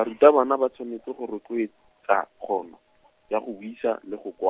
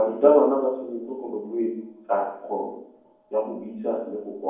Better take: first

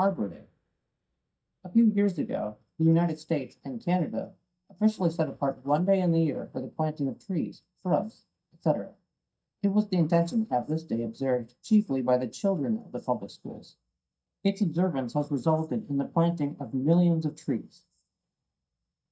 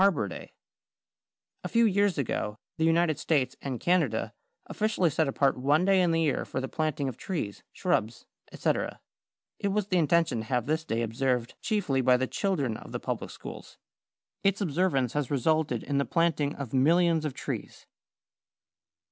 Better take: second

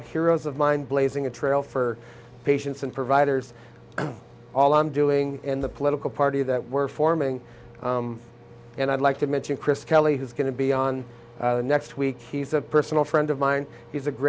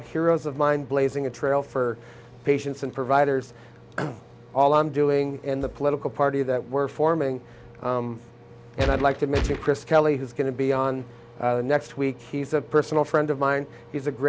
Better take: first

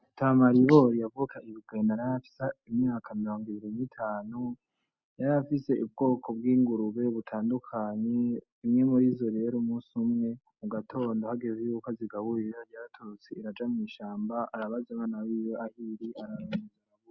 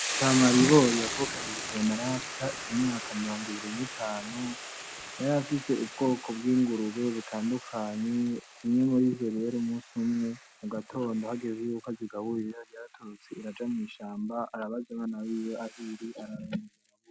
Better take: first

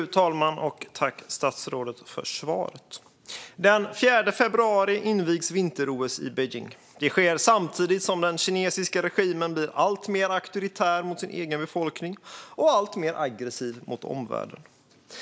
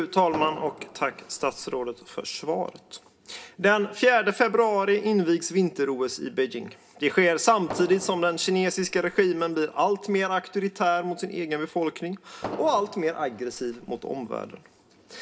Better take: first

